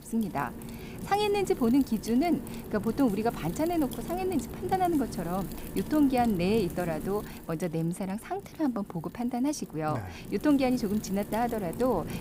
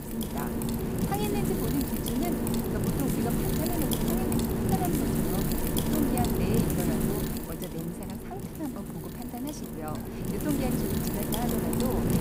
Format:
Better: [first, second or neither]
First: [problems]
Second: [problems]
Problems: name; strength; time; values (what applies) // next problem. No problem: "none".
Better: first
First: wind noise on the microphone; occasional gusts; 15 dB below the speech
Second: wind noise on the microphone; heavy; 4 dB above the speech